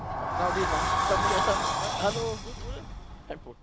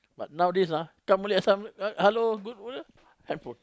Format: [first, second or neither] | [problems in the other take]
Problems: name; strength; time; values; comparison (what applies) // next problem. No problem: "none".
second | background sound (Sliding door); 4 dB above the speech